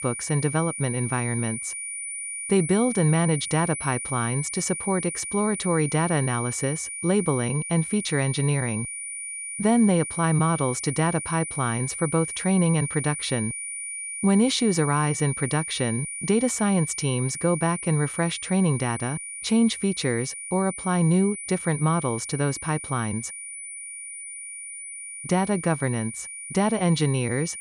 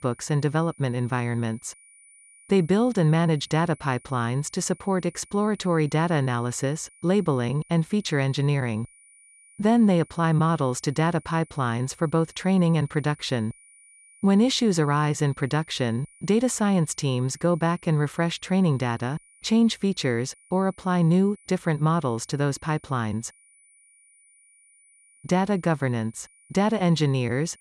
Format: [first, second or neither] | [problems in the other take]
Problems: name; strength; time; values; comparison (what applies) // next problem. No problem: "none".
second | high-pitched whine; loud; throughout; 9.5 kHz, 7 dB below the speech; faint in the second